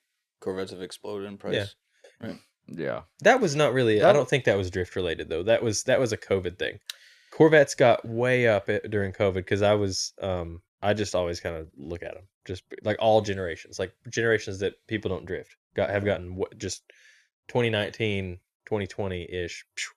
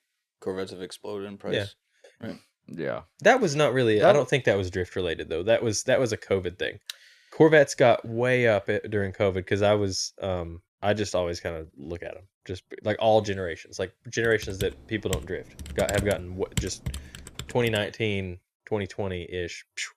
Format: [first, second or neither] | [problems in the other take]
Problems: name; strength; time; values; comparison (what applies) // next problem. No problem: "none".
first | keyboard typing; noticeable; from 14 to 18 s; peak 7 dB below the speech